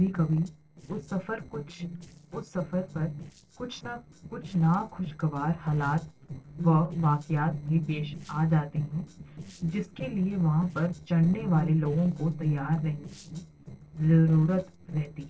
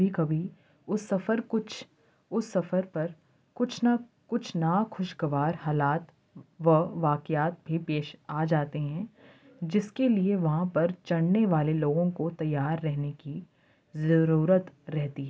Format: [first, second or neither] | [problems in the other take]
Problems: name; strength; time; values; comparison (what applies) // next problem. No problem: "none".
second | noise reduction (neural separator model SepFormer DNS4)